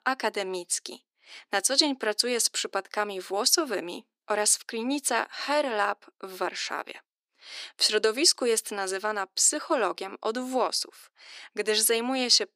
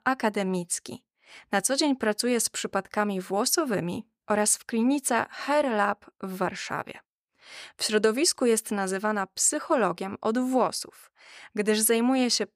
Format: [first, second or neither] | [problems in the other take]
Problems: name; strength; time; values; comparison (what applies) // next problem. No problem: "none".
second | thin; very slightly; fading below 300 Hz